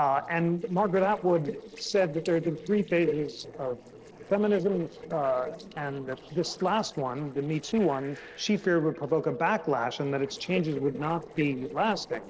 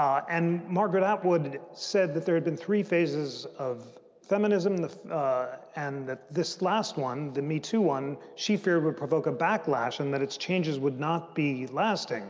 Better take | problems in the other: second | noise reduction (neural separator model SepFormer DNS4)

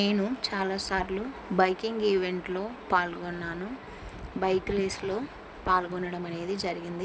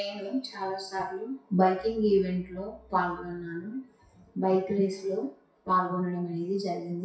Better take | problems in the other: first | noise reduction (classical method WPE with log-MMSE)

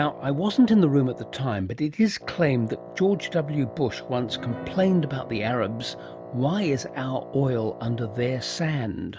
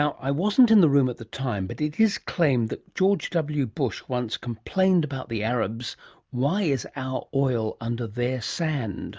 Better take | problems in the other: second | background sound (Wind instrument, woodwind instrument + Piano); 15 dB below the speech

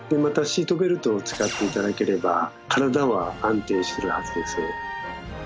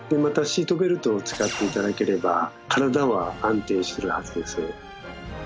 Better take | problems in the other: second | background sound (Wind instrument, woodwind instrument); 11 dB below the speech

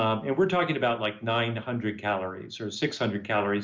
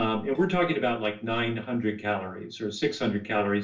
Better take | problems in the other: first | noise reduction (neural separator model SepFormer DNS4)

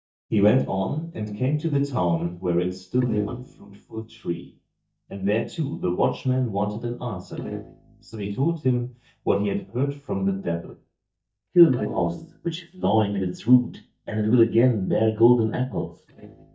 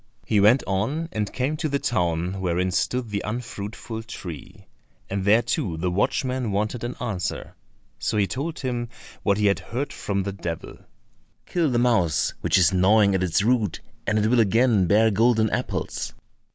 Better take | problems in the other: second | noise reduction (neural mask model DeepFilterNet 3)

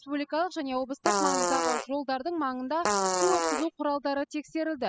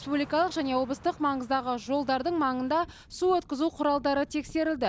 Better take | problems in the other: second | noise reduction (classical method spectral subtraction)

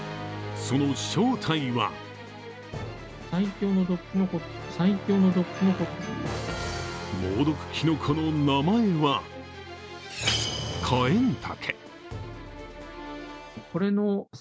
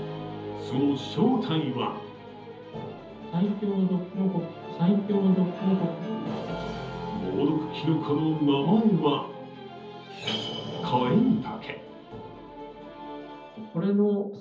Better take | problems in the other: first | room echo; dies away in 0.7 s

